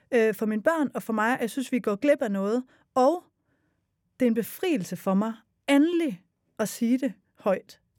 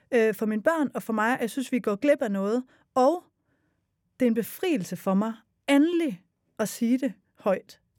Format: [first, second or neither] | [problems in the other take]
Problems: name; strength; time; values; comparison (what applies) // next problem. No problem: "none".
neither | none